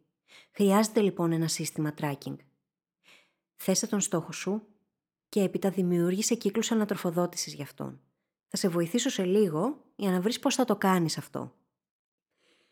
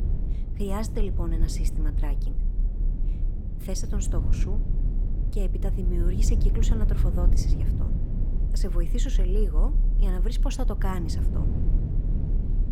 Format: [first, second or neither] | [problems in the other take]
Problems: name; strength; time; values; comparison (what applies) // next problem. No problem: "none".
first | low rumble; loud; throughout; 6 dB below the speech